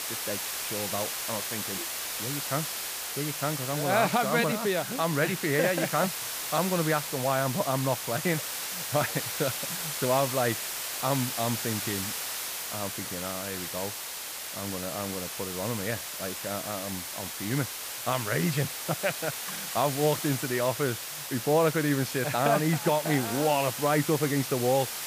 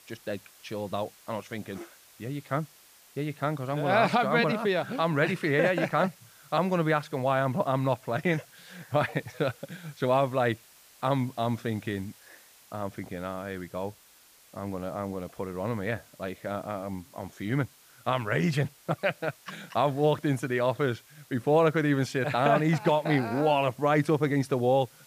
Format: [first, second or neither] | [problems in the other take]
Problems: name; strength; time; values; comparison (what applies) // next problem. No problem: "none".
second | hiss; loud; throughout; 3 dB below the speech; faint in the second